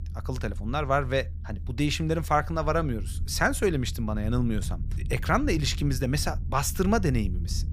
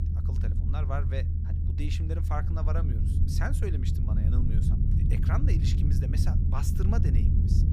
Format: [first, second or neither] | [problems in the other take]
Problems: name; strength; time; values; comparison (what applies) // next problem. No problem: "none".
first | low rumble; loud; throughout; 2 dB below the speech; faint in the first